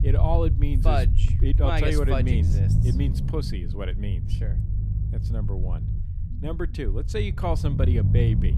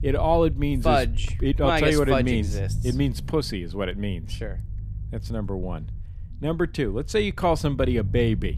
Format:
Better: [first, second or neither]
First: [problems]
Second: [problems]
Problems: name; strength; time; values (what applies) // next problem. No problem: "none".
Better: second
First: low rumble; loud; throughout; 8 dB below the speech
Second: low rumble; faint; throughout; 20 dB below the speech